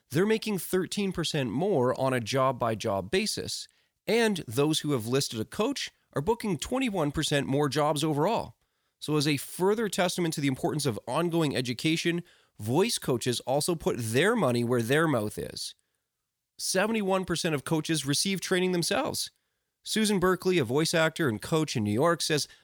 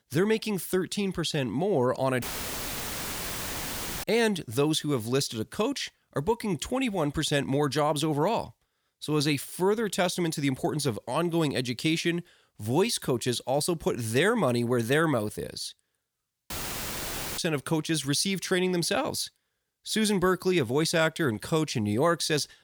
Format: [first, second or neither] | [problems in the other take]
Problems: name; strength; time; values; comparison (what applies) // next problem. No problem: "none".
first | audio cutting out; filled with static; at 2 s for 2 s and at 17 s for 1 s